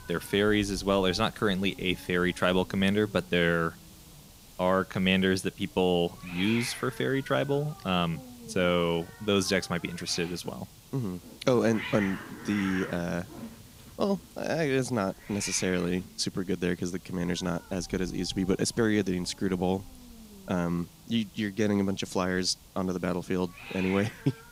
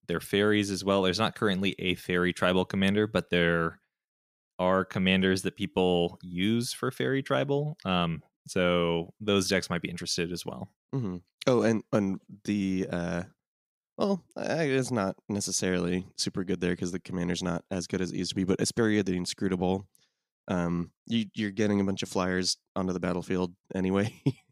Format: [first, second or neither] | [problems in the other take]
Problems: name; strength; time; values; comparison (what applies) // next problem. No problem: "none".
second | hiss; noticeable; throughout; 15 dB below the speech